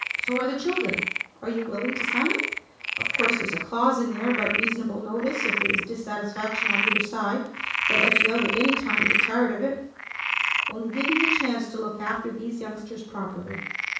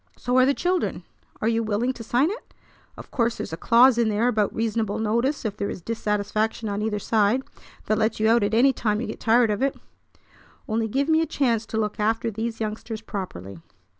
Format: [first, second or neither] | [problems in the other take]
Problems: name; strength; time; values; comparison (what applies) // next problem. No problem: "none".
second | background sound (Frog); 1 dB above the speech // room echo; dies away in 0.7 s